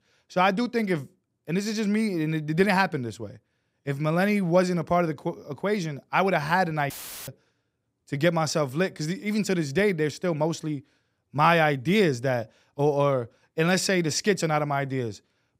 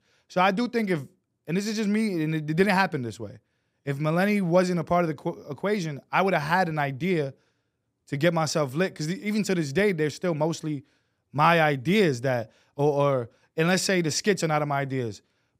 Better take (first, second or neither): second